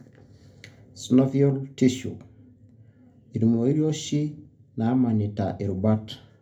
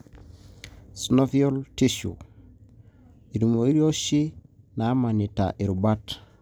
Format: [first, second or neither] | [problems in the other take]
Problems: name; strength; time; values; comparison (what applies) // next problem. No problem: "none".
second | room echo; dies away in 0.3 s